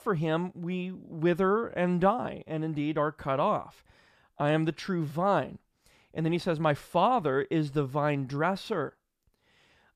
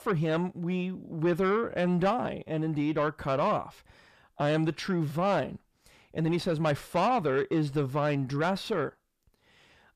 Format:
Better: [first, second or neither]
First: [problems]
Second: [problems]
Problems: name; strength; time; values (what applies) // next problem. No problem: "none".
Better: first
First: none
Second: distortion; slight; 10 dB below the speech